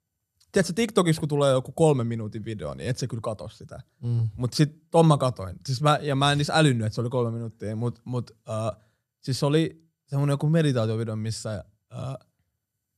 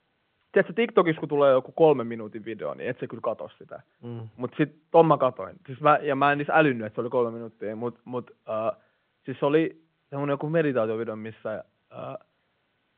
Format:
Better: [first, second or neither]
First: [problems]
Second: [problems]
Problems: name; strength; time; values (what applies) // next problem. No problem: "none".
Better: first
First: none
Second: phone-call audio; nothing above 3.5 kHz